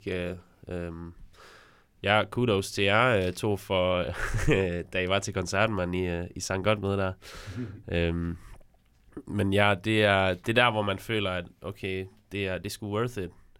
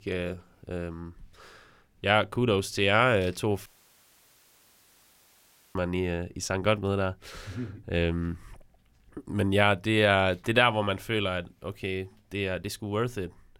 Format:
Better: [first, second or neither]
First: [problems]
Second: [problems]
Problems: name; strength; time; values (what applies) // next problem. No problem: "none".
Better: first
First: none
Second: audio cutting out; at 3.5 s for 2 s